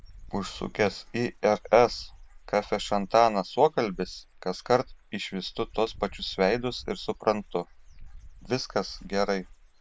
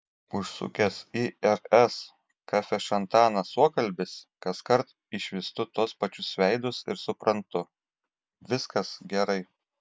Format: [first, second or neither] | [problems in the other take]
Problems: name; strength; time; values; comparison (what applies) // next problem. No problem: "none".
second | background sound (Bird / Dog); 18 dB below the speech